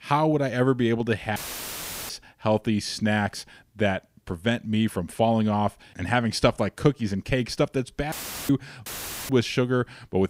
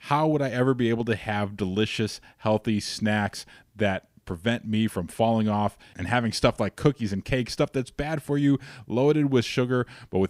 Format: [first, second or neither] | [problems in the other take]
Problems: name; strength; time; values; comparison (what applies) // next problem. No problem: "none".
second | audio cutting out; filled with static; at 1.5 s for 0.5 s, at 8 s and at 9 s